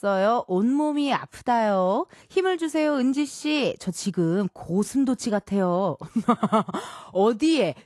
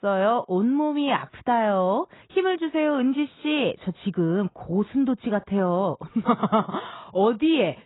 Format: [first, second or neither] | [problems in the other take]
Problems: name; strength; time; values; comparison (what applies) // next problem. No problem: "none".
first | garbled, watery; badly; nothing above 3.5 kHz; slightly in the first